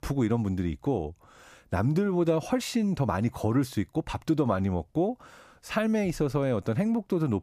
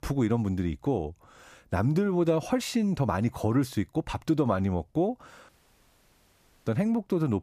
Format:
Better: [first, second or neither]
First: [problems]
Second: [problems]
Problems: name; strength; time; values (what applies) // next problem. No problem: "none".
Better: first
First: none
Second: audio cutting out; at 5.5 s for 1 s